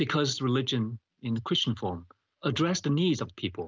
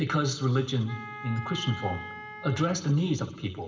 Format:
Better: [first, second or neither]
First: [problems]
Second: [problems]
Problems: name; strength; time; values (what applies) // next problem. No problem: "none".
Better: first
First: none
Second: background sound (Wind instrument, woodwind instrument); 13 dB below the speech // room echo; dies away in 2.3 s